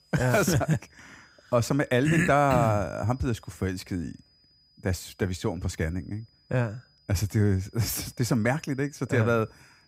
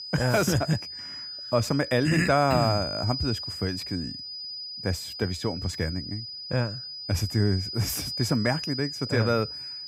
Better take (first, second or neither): first